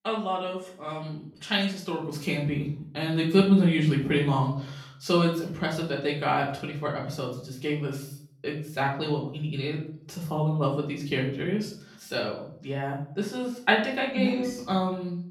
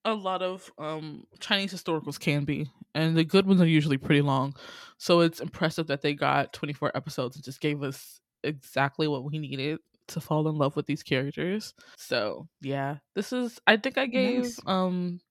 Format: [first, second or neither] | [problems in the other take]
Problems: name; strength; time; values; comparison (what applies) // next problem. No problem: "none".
second | off-mic speech; far // room echo; slight; dies away in 0.5 s